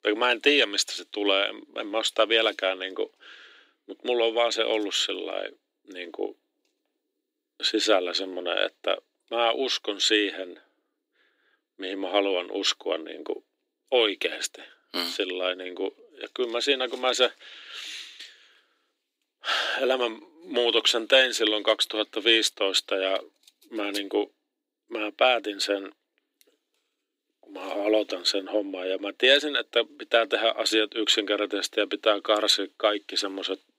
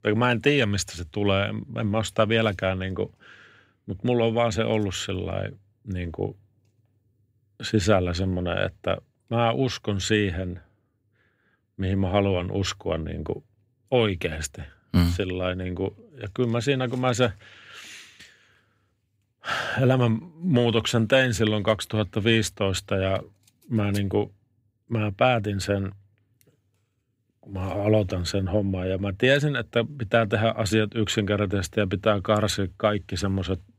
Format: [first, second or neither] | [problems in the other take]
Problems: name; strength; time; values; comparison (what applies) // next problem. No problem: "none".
second | thin; very; fading below 300 Hz